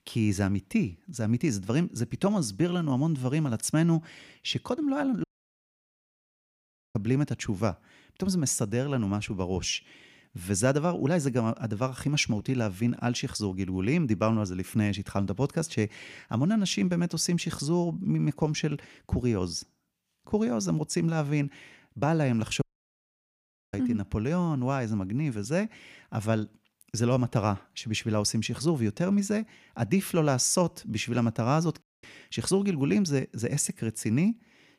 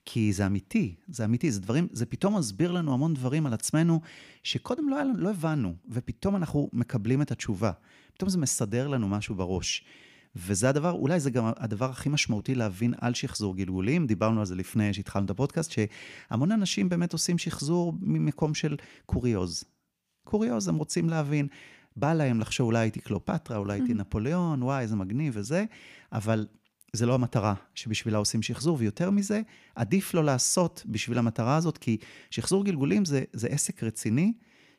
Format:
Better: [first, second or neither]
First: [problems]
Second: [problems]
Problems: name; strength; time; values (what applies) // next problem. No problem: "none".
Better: second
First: audio cutting out; at 5 s for 1.5 s, at 23 s for 1 s and at 32 s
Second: none